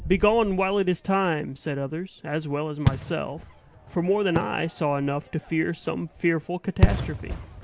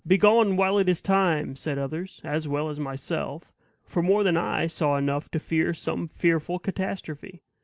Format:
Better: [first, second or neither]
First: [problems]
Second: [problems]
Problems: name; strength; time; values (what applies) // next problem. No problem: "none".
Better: second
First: background sound (Fireworks); 5 dB below the speech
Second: none